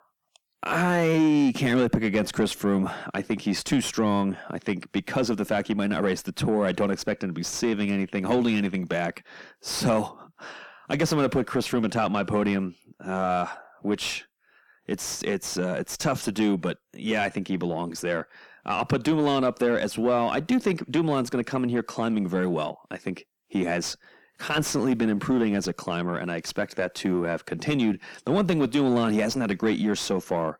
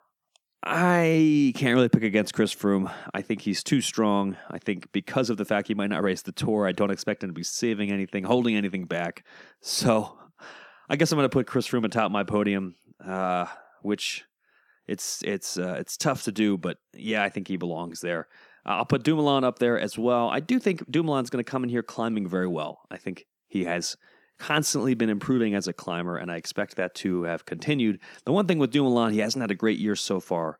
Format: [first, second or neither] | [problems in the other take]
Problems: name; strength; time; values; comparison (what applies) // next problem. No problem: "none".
second | distortion; slight; 10 dB below the speech